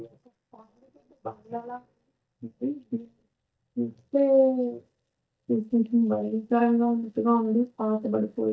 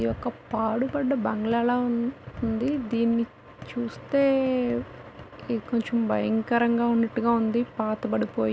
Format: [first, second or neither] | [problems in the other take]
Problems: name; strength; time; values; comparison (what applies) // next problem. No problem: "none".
second | noise reduction (neural mask model DeepFilterNet 3)